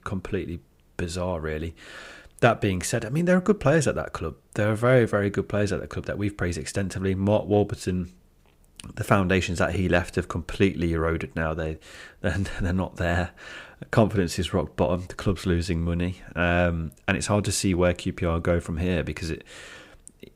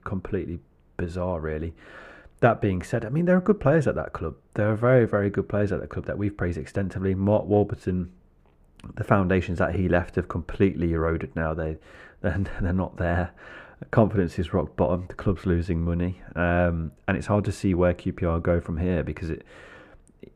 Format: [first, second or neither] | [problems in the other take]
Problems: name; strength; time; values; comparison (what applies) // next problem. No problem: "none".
first | muffled; very; fading above 2.5 kHz